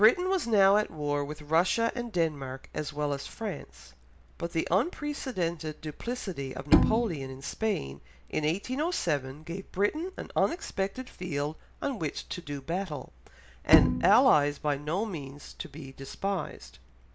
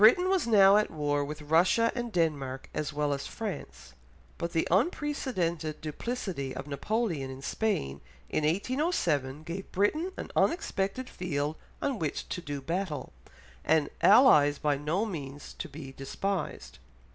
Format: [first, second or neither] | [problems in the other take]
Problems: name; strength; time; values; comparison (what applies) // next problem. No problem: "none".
second | background sound (Bowed string instrument); 2 dB above the speech